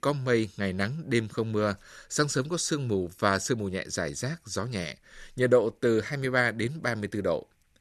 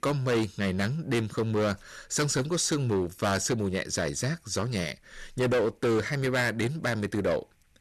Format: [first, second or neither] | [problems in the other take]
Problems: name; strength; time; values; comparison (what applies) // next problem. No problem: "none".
first | distortion; heavy; 12% of the sound clipped